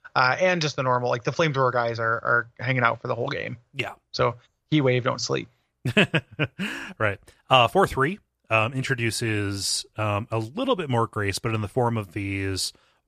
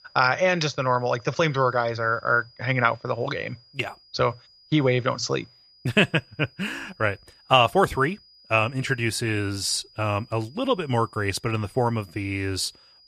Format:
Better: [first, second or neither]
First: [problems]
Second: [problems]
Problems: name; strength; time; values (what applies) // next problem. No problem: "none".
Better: first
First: none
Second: high-pitched whine; faint; throughout; 5 kHz, 30 dB below the speech